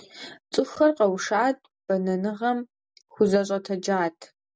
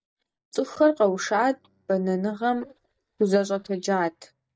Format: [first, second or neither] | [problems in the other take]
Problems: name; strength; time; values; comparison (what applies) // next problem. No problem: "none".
first | noise reduction (neural mask model DeepFilterNet 3)